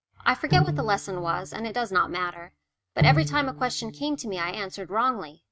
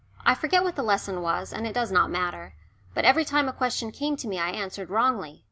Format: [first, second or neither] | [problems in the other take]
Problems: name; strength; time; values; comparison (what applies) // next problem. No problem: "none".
second | noise reduction (neural mask model RNNoise)